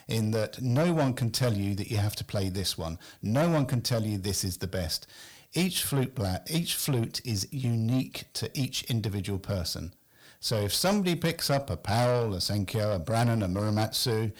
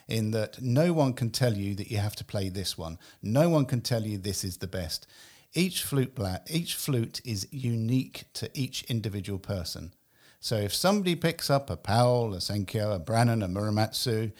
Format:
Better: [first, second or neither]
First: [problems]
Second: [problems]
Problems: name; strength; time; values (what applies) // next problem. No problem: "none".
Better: second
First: distortion; slight; 10 dB below the speech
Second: none